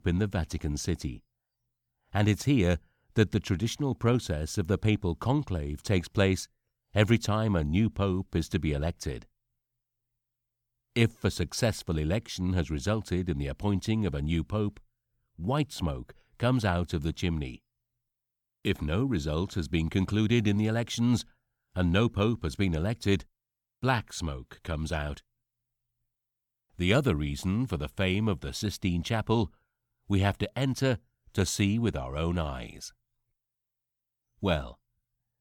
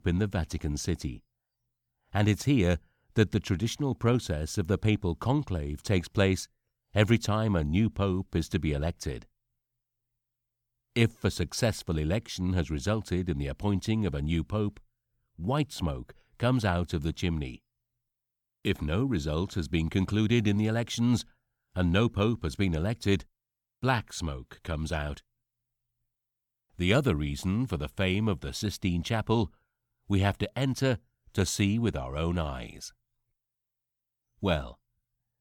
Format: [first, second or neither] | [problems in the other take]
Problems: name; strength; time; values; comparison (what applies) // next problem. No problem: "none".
neither | none